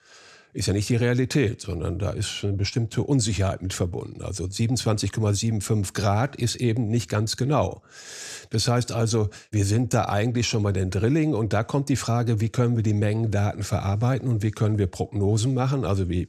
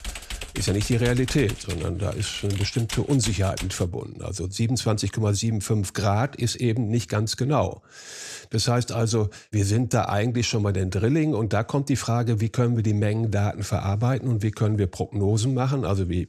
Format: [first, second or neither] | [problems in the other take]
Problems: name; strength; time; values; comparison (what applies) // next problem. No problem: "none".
first | keyboard typing; noticeable; until 4 s; peak 8 dB below the speech